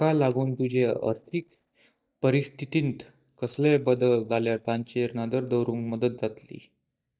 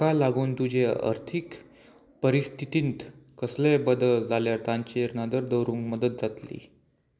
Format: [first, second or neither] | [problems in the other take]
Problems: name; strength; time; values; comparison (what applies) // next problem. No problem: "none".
second | noise reduction (neural mask model DeepFilterNet 3)